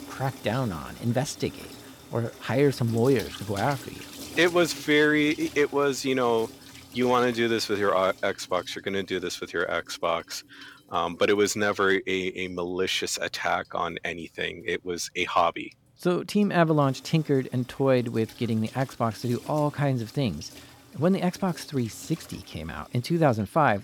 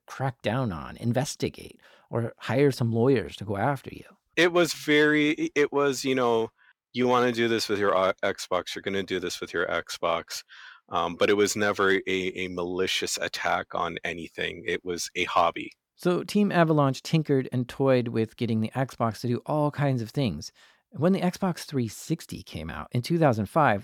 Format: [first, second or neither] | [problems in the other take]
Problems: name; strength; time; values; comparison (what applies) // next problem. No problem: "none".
second | household noises; noticeable; throughout; 20 dB below the speech